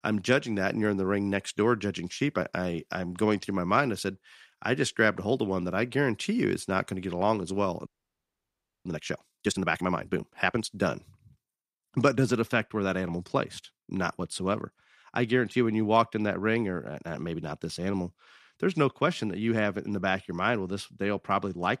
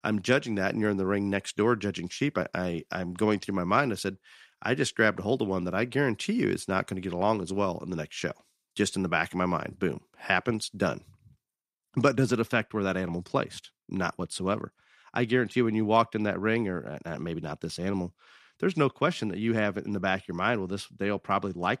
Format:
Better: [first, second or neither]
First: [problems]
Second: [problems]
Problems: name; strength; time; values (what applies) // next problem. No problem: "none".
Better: second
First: audio freezing; at 8 s for 1 s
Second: none